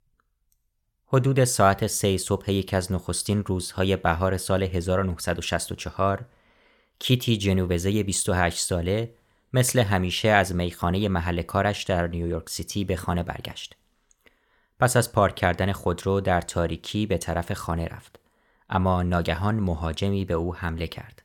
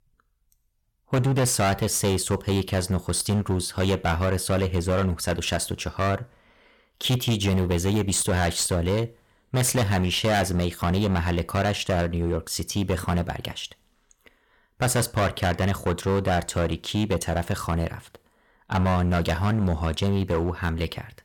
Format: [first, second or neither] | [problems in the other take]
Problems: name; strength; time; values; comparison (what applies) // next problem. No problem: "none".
first | distortion; heavy; 12% of the sound clipped